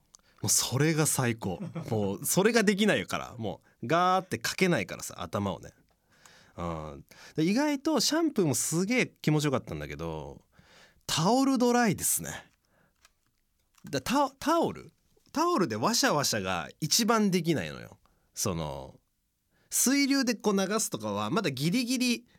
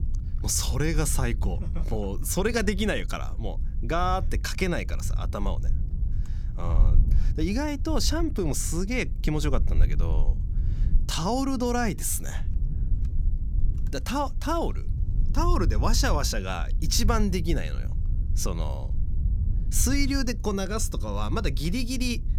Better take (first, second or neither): first